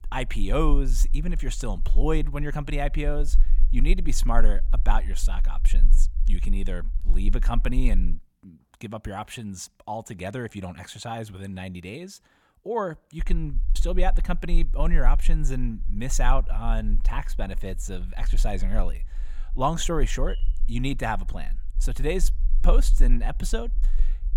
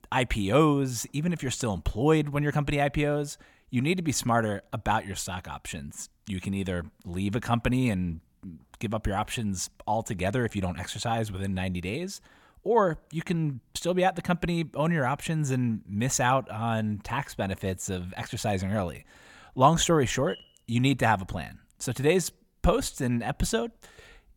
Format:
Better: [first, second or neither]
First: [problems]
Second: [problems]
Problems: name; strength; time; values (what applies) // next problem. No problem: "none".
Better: second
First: low rumble; faint; until 8 s and from 13 s on; 25 dB below the speech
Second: none